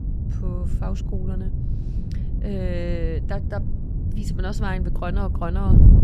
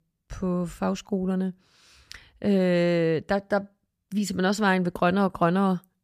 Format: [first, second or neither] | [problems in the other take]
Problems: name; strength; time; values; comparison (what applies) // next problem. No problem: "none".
second | wind noise on the microphone; heavy; 5 dB below the speech